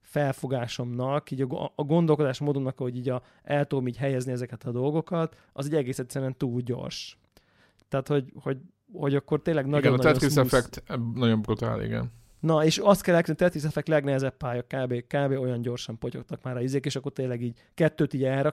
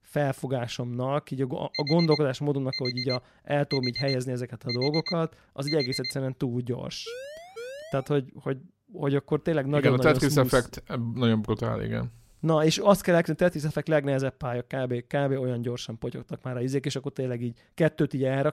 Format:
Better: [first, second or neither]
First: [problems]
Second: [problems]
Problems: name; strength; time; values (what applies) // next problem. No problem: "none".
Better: first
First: none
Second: alarm; noticeable; from 1.5 to 6 s; peak 3 dB below the speech // siren; faint; at 7 s; peak 10 dB below the speech